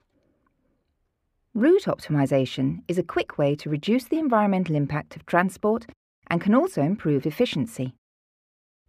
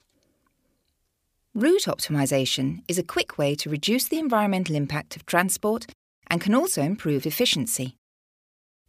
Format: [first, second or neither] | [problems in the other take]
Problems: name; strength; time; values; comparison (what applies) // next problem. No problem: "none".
second | muffled; very; fading above 3 kHz